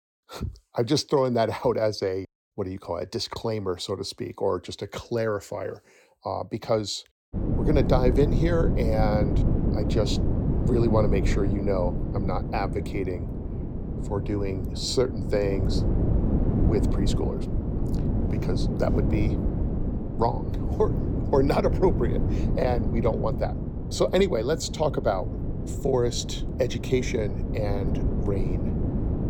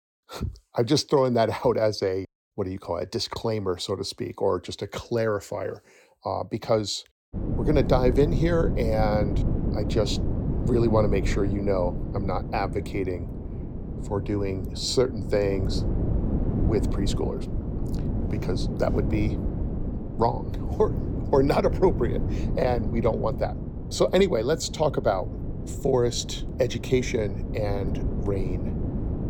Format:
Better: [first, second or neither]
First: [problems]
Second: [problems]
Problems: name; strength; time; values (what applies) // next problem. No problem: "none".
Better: second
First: wind noise on the microphone; heavy; from 7.5 s on; 7 dB below the speech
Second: wind noise on the microphone; occasional gusts; from 7.5 s on; 10 dB below the speech